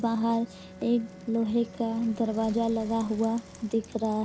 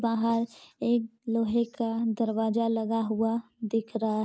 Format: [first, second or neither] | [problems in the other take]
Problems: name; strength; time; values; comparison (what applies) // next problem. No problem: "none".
second | background sound (Bicycle + Bowed string instrument); 17 dB below the speech